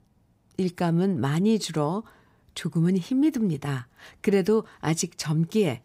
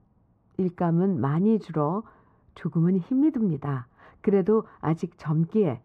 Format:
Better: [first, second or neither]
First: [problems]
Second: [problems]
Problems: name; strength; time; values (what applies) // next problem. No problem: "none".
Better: first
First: none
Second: muffled; very; fading above 3 kHz